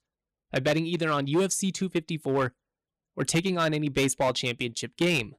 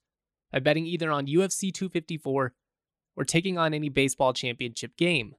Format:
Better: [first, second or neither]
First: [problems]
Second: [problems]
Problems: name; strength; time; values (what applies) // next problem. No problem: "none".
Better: second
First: distortion; slight; 6% of the sound clipped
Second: none